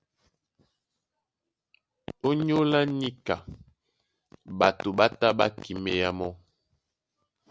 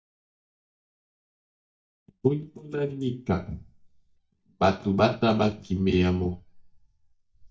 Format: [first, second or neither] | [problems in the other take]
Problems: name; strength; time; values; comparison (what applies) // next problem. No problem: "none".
first | noise reduction (neural mask model DeepFilterNet 3)